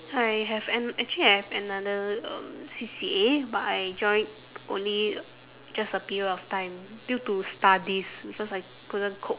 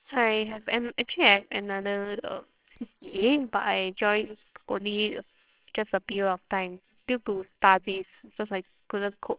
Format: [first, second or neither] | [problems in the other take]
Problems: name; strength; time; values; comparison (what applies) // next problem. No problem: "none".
first | noise reduction (neural separator model SepFormer WHAMR!)